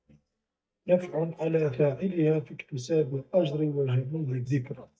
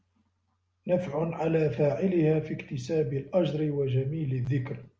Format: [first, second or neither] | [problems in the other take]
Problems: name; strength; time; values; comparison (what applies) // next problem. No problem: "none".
second | noise reduction (neural mask model DeepFilterNet 3)